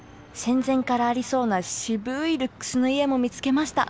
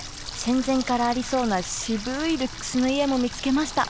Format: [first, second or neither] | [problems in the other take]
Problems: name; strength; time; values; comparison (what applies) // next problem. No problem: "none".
first | background sound (Water tap, faucet); 11 dB below the speech